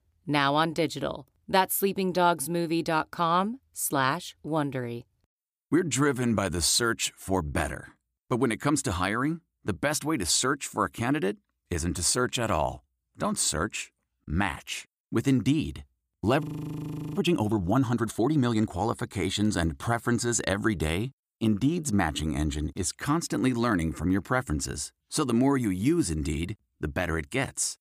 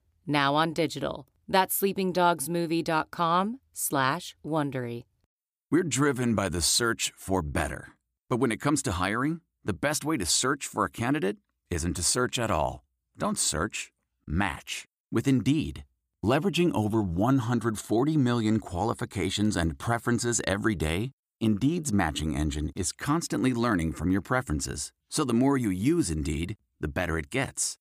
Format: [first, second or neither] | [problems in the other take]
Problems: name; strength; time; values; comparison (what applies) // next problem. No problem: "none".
second | audio freezing; at 16 s for 0.5 s